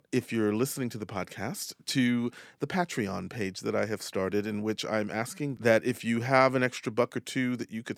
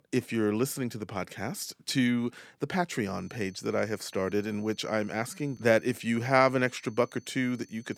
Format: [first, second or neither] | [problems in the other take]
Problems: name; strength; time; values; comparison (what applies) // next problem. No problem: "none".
first | high-pitched whine; faint; from 3 s on; 6 kHz, 30 dB below the speech